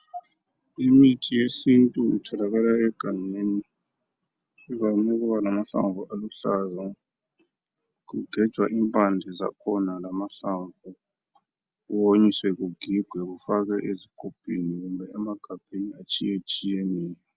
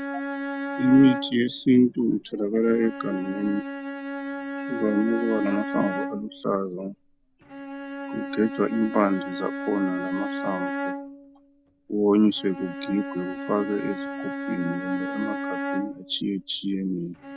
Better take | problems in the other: first | background sound (Bowed string instrument); 7 dB below the speech

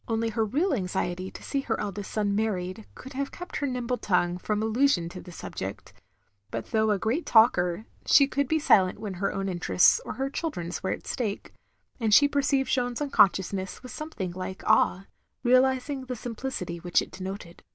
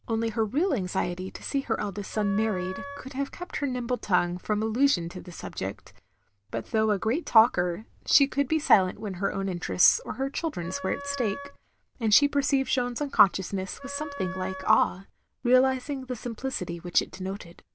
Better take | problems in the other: first | background sound (Wind instrument, woodwind instrument); 13 dB below the speech

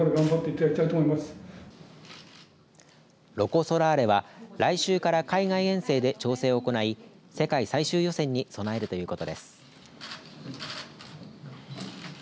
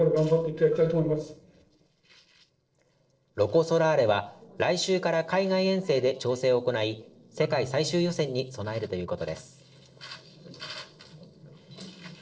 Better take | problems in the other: first | noise reduction (neural separator model SepFormer DNS4)

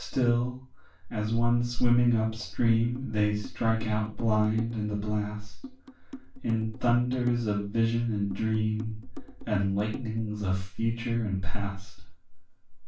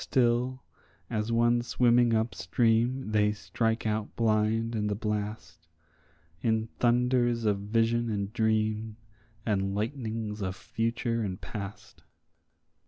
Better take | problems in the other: second | background sound (Drum); 18 dB below the speech // room echo; dies away in 0.3 s

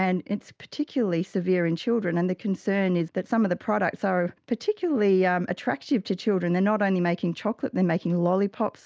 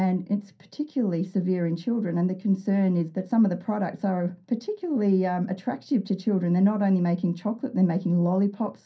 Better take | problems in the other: first | room echo; dies away in 0.3 s

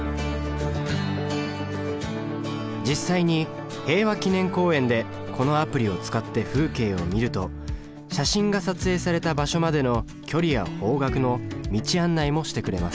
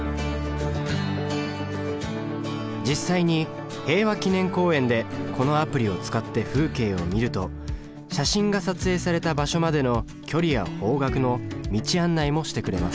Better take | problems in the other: first | background sound (Acoustic guitar / Strum); 20 dB below the speech

